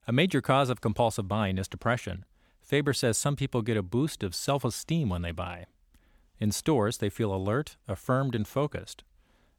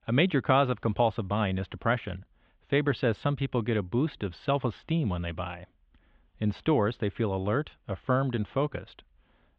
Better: first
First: none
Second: muffled; very; fading above 3.5 kHz

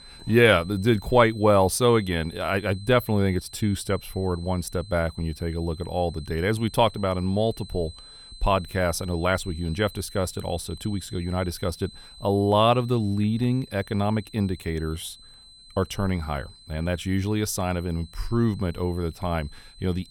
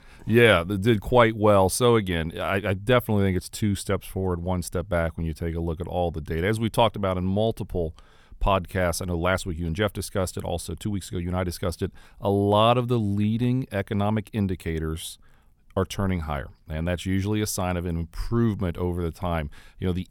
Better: second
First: high-pitched whine; faint; throughout; 4 kHz, 20 dB below the speech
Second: none

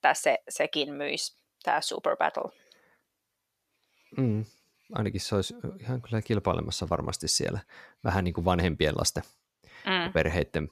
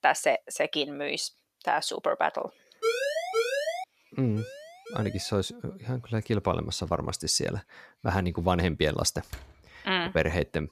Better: first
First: none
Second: siren; loud; from 3 to 4 s; peak 1 dB above the speech // siren; faint; at 4.5 s; peak 15 dB below the speech // door banging; faint; at 9.5 s; peak 15 dB below the speech

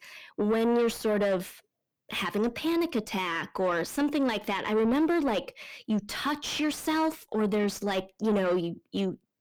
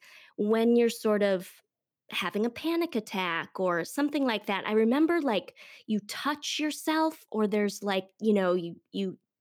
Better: second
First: distortion; slight; 10 dB below the speech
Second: none

